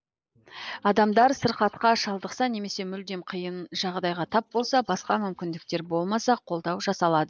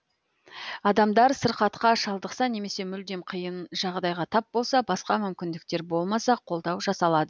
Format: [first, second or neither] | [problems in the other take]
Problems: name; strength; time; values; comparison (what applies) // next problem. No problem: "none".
second | noise reduction (neural mask model Resemble Enhance denoiser)